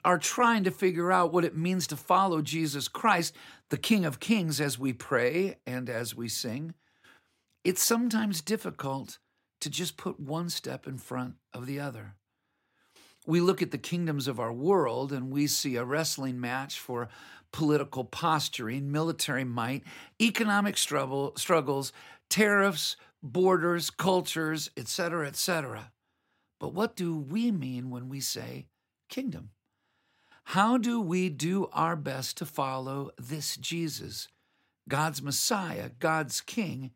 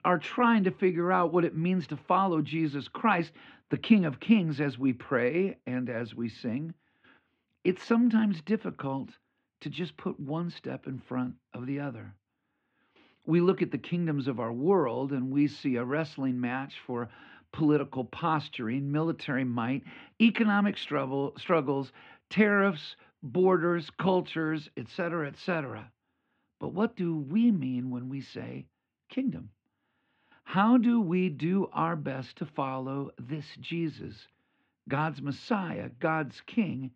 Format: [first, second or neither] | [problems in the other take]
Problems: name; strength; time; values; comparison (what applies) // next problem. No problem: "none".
first | muffled; very; fading above 3 kHz